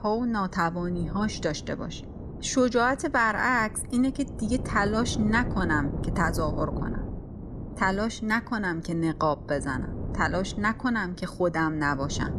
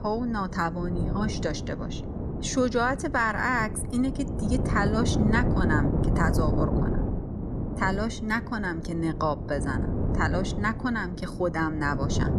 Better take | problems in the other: first | wind noise on the microphone; heavy; 8 dB below the speech; occasional gusts in the first

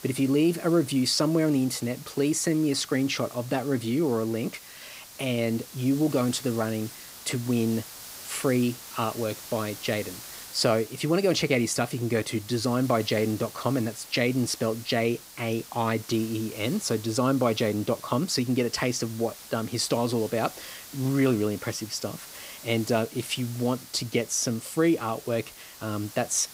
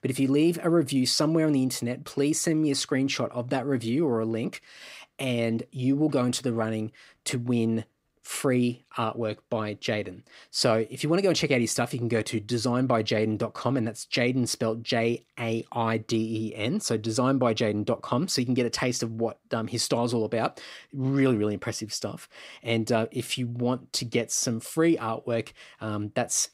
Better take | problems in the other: second | hiss; noticeable; throughout; 15 dB below the speech

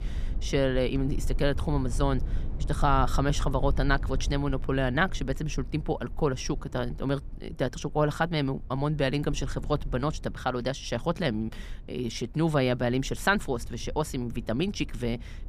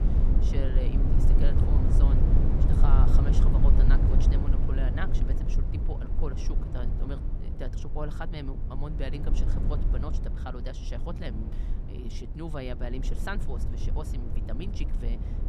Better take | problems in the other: first | low rumble; loud; throughout; 1 dB below the speech; faint in the first

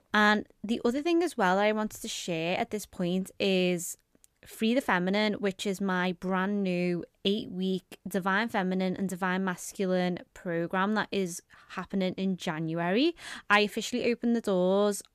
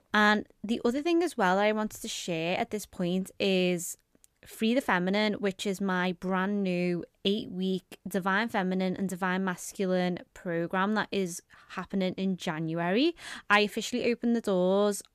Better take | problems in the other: neither | none

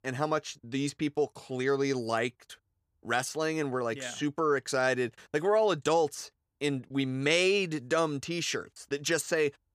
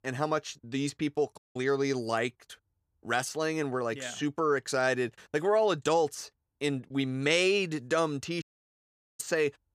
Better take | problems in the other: first | audio cutting out; at 1.5 s and at 8.5 s for 1 s

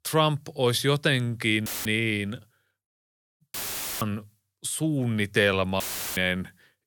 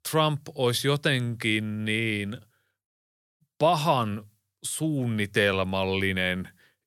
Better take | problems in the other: second | audio cutting out; filled with static; at 1.5 s, at 3.5 s and at 6 s

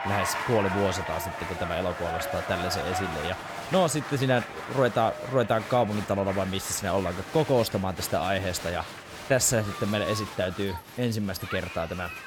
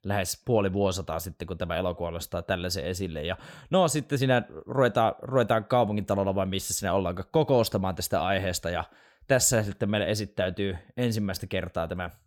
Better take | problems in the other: second | crowd noise; loud; throughout; 8 dB below the speech

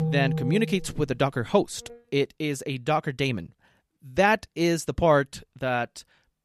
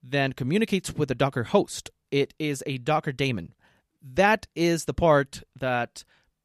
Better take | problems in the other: second | background music; loud; until 1.5 s; 4 dB below the speech

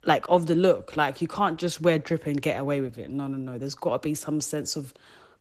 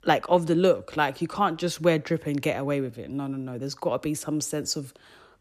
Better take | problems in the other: second | garbled, watery; slightly; nothing above 14.5 kHz

